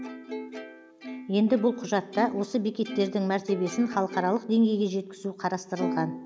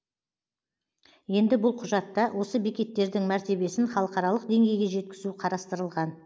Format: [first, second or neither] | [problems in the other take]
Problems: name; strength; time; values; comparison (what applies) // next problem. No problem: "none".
second | background sound (Plucked string instrument); 11 dB below the speech